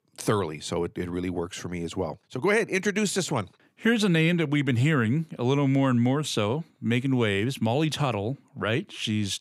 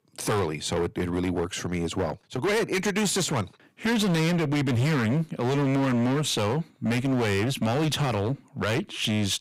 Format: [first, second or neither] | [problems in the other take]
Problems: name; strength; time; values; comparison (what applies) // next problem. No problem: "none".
first | distortion; heavy; 23% of the sound clipped